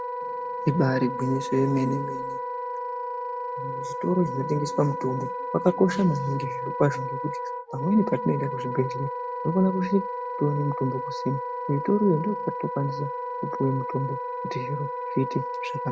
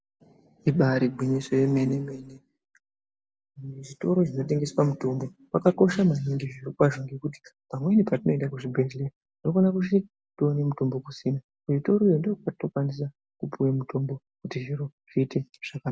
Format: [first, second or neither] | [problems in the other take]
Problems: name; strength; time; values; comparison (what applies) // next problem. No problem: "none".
second | background sound (Wind instrument, woodwind instrument); 5 dB below the speech